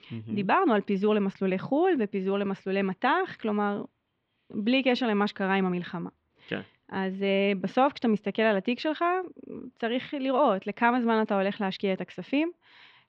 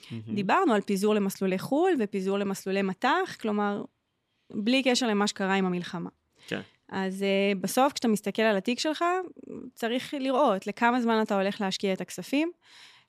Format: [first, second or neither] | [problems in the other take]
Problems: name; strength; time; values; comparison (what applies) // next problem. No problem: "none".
second | muffled; slightly; fading above 3.5 kHz